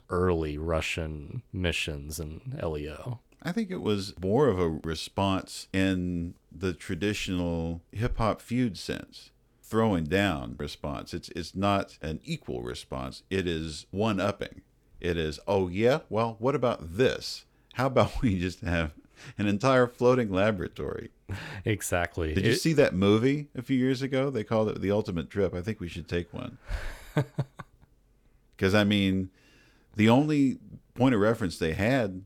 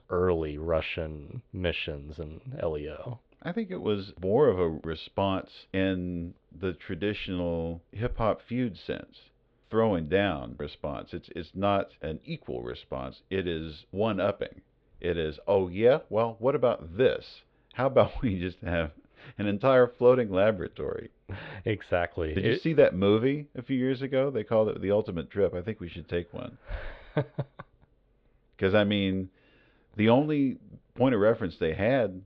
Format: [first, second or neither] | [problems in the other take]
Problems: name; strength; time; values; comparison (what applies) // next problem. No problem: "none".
first | muffled; very; fading above 3.5 kHz